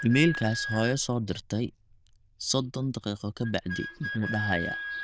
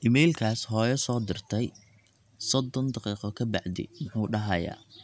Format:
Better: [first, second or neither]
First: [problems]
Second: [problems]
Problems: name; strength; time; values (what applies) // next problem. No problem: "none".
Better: second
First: noise reduction (neural diffusion model UNIVERSE++)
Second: none